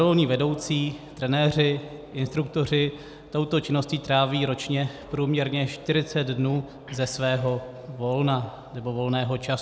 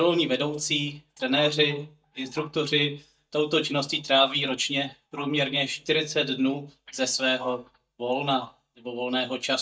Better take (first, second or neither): first